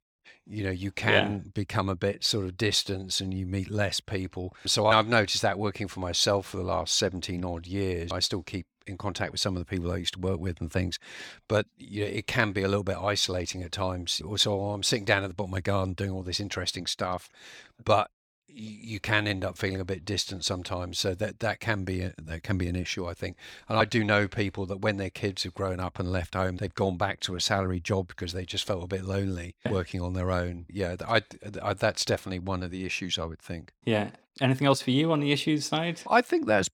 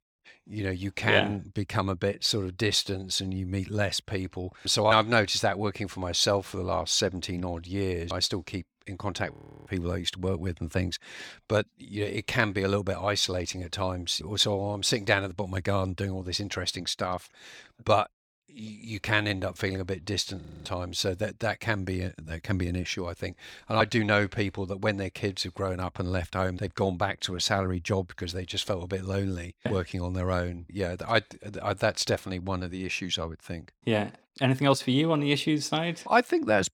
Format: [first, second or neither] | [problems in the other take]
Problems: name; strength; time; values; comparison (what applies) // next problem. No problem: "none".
first | audio freezing; at 9.5 s and at 20 s